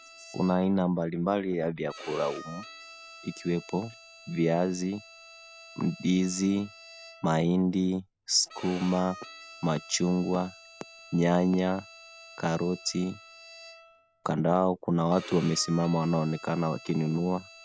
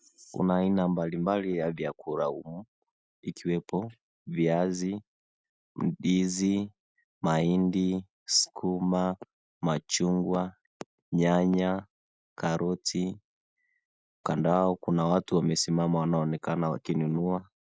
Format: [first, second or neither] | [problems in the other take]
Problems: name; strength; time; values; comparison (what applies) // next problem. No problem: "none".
second | background sound (Bowed string instrument); 19 dB below the speech